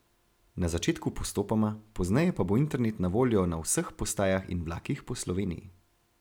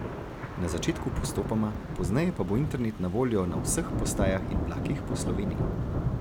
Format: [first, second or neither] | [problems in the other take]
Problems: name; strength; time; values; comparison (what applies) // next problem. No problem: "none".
first | background sound (Thunder / Rain); 1 dB below the speech